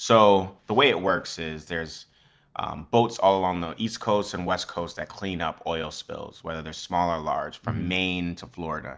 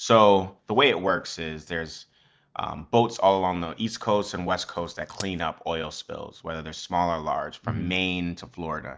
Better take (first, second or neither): first